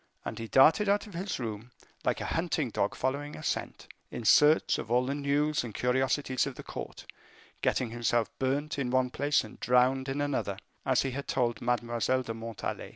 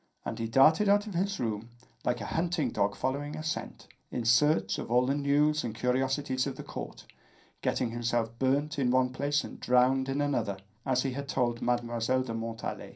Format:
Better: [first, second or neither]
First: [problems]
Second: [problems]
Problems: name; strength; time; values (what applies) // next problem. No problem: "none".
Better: first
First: none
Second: room echo; dies away in 0.3 s